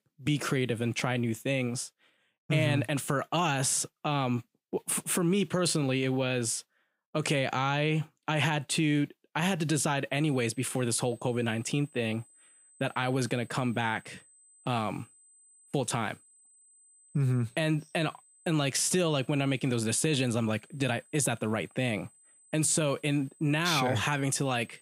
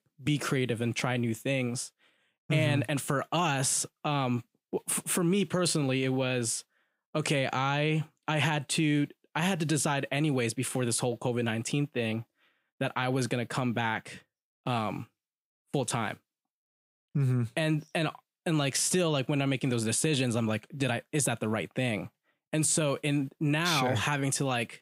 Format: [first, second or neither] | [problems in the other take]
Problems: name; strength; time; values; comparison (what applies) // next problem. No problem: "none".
second | high-pitched whine; faint; from 10 s on; 8 kHz, 30 dB below the speech